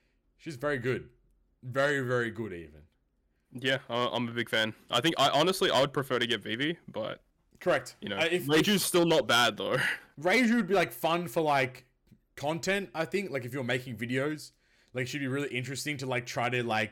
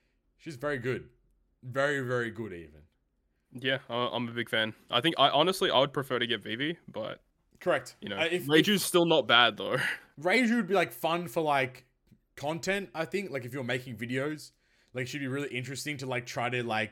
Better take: second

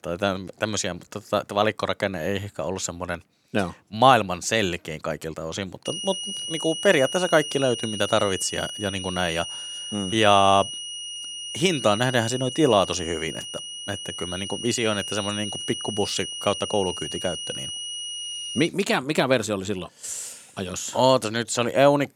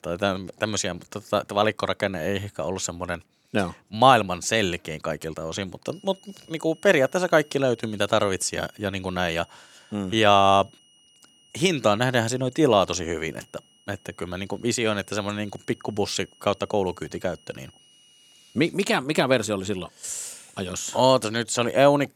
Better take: second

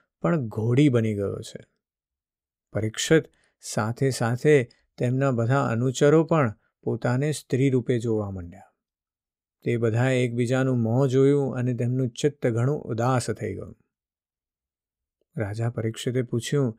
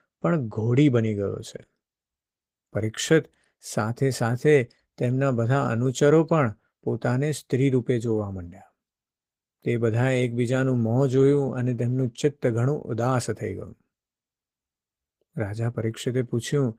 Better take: first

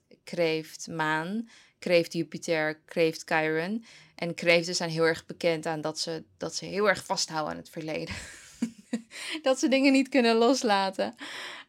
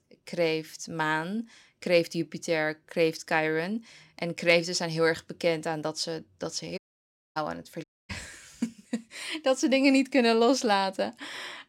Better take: first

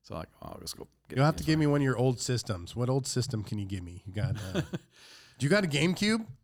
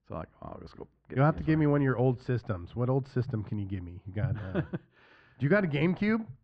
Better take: first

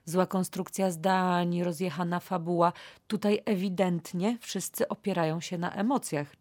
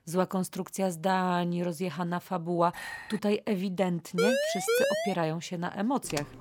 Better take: first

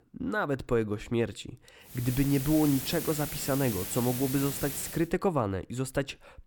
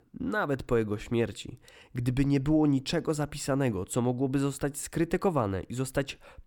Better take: second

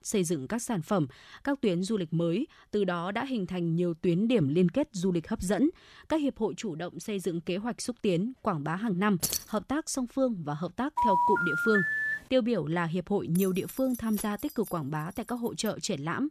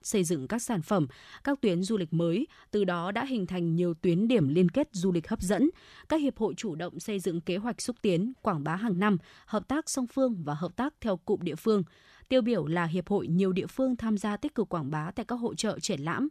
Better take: second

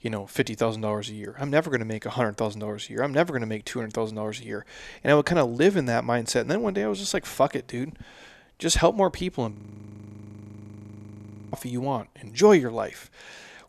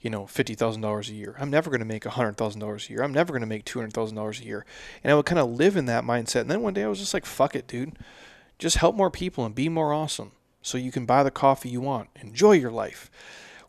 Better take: second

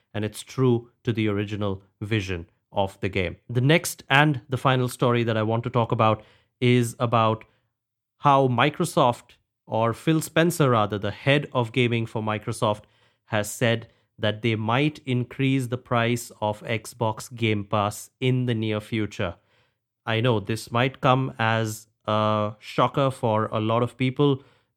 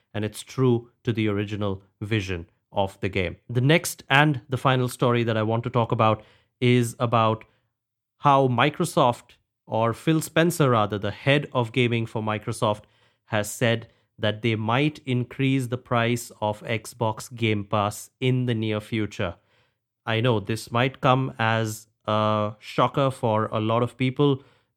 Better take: neither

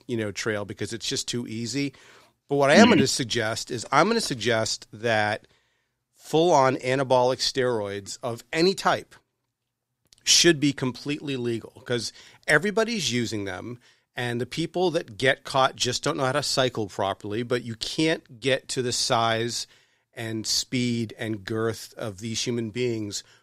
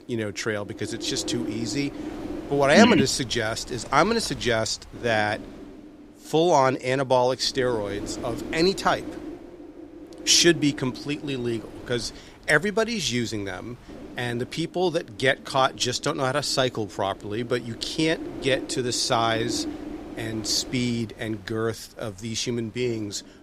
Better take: first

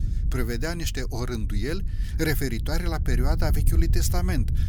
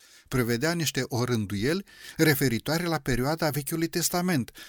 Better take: second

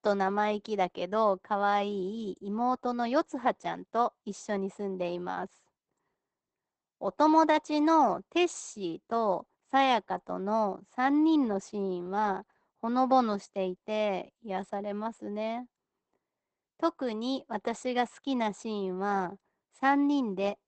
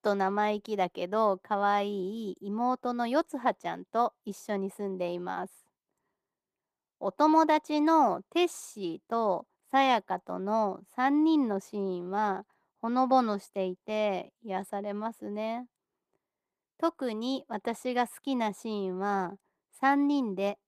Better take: second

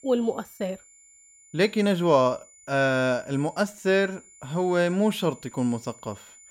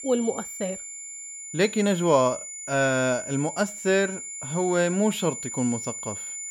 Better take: first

